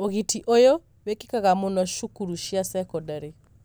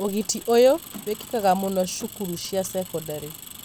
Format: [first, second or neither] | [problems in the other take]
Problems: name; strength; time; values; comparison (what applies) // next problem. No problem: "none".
first | background sound (Engine); 16 dB below the speech